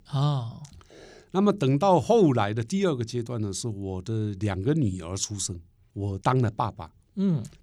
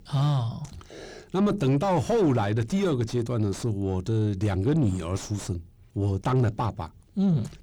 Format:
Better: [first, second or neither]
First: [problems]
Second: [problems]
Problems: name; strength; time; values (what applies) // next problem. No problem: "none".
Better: first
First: none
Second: distortion; heavy; 6 dB below the speech